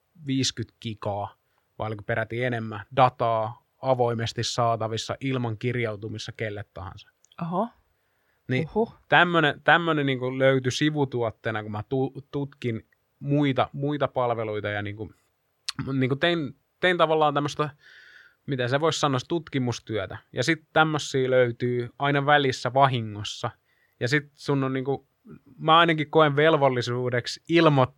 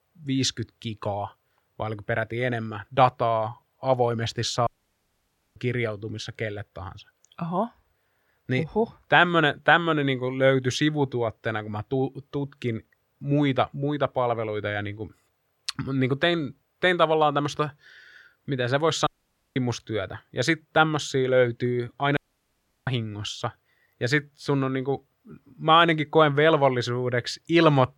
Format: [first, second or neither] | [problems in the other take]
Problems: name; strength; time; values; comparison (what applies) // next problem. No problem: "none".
first | audio cutting out; at 4.5 s for 1 s, at 19 s and at 22 s for 0.5 s